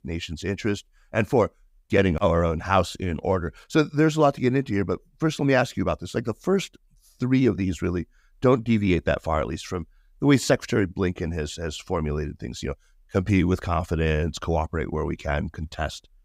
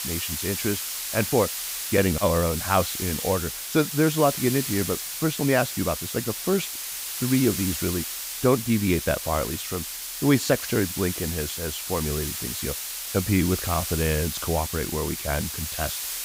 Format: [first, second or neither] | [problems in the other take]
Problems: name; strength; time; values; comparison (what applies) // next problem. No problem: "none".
first | hiss; loud; throughout; 4 dB below the speech